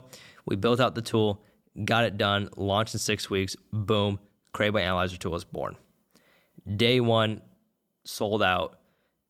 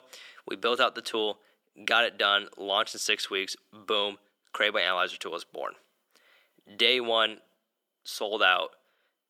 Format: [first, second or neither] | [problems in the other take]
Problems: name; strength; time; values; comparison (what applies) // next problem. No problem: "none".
first | thin; very; fading below 350 Hz